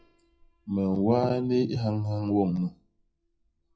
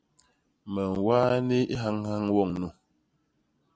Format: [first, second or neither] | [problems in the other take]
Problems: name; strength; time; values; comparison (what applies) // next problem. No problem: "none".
second | noise reduction (classical method WPE with log-MMSE)